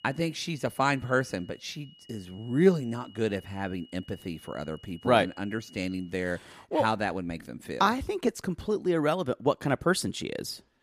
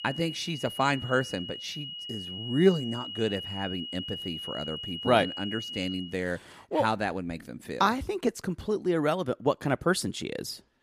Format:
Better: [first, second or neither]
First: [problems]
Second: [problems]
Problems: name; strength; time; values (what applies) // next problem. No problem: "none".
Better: first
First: high-pitched whine; faint; until 6 s; 3 kHz, 25 dB below the speech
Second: high-pitched whine; loud; until 6 s; 3 kHz, 7 dB below the speech